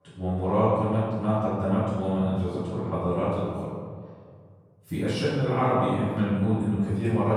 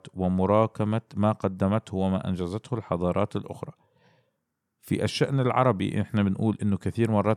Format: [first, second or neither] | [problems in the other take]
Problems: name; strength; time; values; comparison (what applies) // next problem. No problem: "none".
second | off-mic speech; far // room echo; strong; dies away in 1.7 s